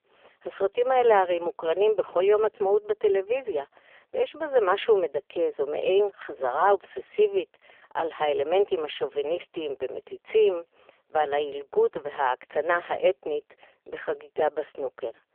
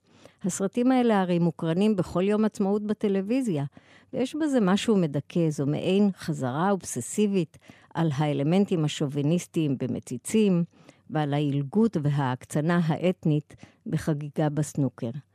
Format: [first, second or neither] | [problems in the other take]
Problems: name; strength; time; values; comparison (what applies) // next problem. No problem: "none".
second | phone-call audio; poor line; nothing above 3.5 kHz